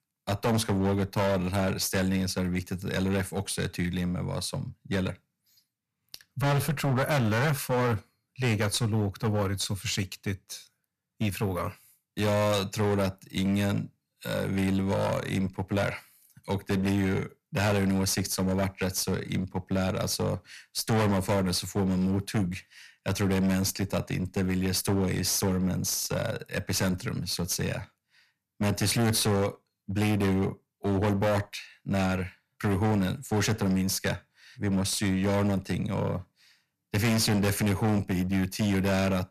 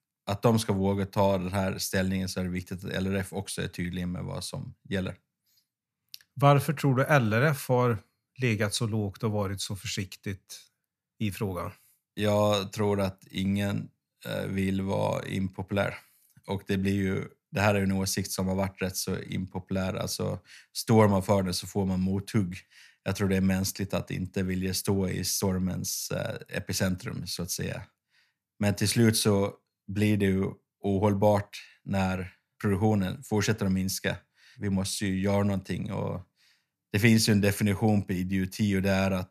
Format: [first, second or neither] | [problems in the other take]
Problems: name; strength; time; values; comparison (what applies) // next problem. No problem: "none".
second | distortion; heavy; 17% of the sound clipped